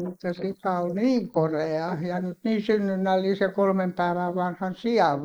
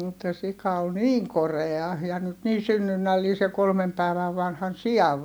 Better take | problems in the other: second | noise reduction (neural mask model Resemble Enhance denoiser)

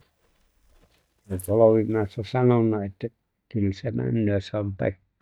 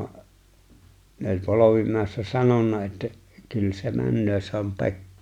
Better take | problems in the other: second | noise reduction (neural mask model DeepFilterNet 3)

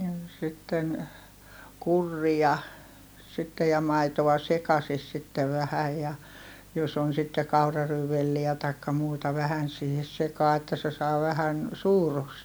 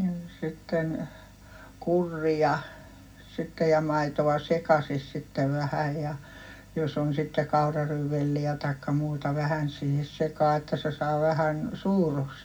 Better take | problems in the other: first | room echo; dies away in 0.4 s

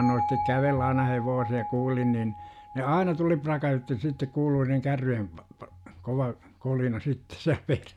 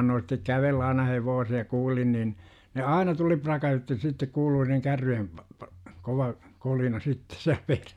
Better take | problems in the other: second | background sound (Bell); 10 dB below the speech

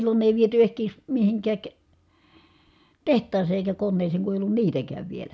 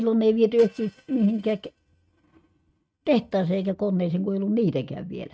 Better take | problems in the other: first | noise reduction (neural mask model RNNoise)

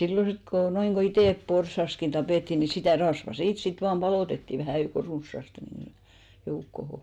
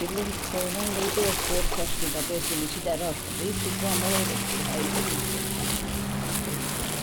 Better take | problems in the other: first | background sound (Waves, surf + Crumpling, crinkling); 5 dB above the speech

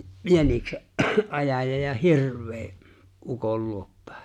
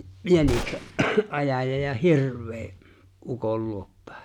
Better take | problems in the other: first | background sound (Gunshot, gunfire); 11 dB below the speech

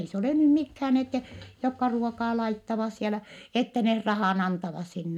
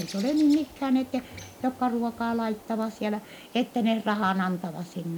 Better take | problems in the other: first | background sound (Bird); 20 dB below the speech

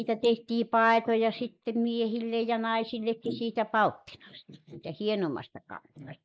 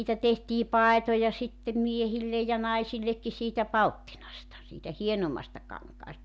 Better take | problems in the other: second | noise reduction (neural mask model Resemble Enhance denoiser)

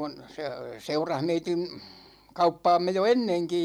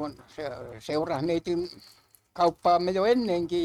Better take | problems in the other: first | noise reduction (neural mask model RNNoise)

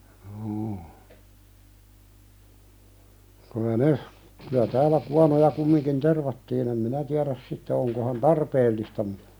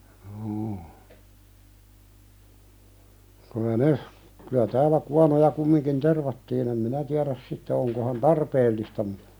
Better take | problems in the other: second | background sound (Strum); 17 dB below the speech

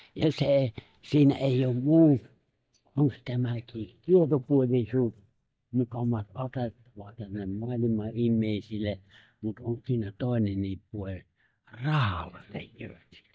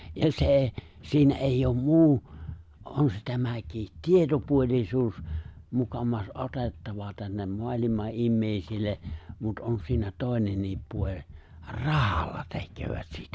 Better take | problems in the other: second | noise reduction (neural mask model DeepFilterNet 3)

